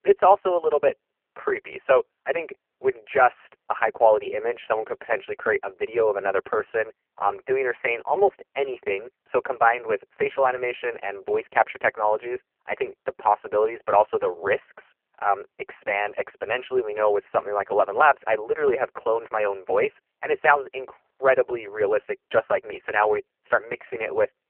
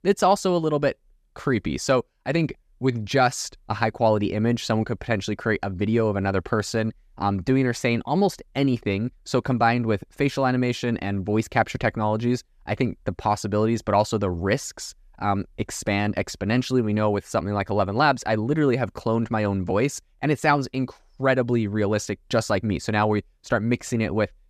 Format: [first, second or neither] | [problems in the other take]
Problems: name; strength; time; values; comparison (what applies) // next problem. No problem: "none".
second | phone-call audio; poor line